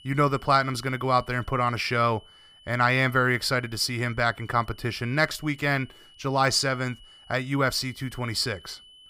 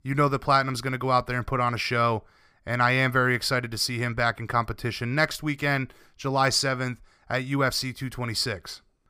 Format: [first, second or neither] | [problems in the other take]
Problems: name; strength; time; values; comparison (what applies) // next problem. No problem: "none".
second | high-pitched whine; faint; throughout; 3 kHz, 25 dB below the speech